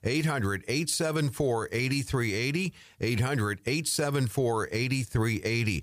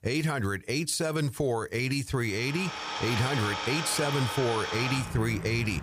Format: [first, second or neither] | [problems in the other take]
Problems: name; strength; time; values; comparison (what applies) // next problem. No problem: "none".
first | traffic noise; loud; from 2.5 s on; 4 dB below the speech